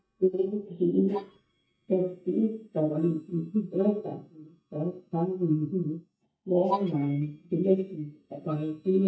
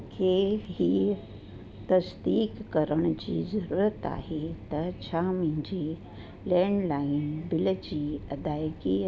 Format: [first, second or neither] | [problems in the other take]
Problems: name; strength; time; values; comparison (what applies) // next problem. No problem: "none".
second | noise reduction (neural mask model DeepFilterNet 3)